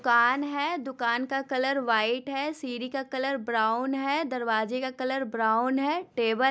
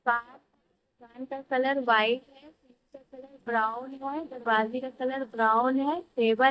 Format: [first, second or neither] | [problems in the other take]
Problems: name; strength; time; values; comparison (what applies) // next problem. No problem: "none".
first | noise reduction (neural mask model DeepFilterNet 3)